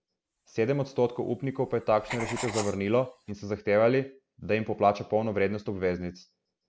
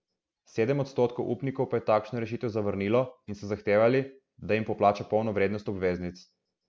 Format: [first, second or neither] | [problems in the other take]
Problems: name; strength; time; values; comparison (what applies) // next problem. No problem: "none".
second | background sound (Writing); 14 dB below the speech